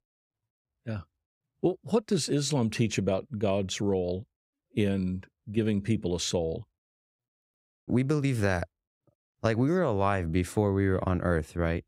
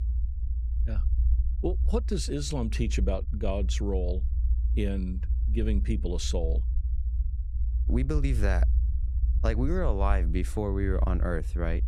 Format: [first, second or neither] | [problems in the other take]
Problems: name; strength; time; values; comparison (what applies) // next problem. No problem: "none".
first | low rumble; noticeable; throughout; 15 dB below the speech